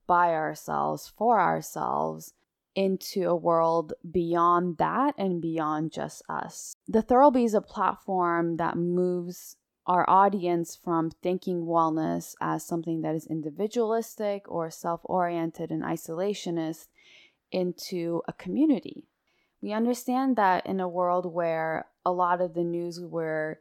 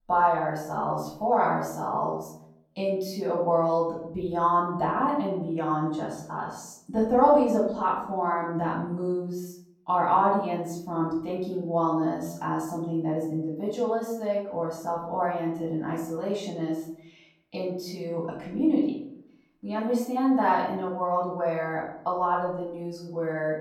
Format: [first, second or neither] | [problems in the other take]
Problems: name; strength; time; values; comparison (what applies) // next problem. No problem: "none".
first | off-mic speech; far // room echo; noticeable; dies away in 0.6 s